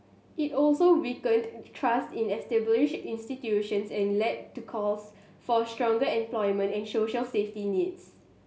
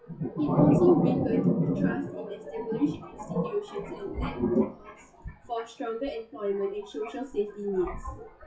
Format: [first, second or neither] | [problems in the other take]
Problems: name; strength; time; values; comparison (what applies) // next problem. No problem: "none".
first | noise reduction (classical method WPE with log-MMSE)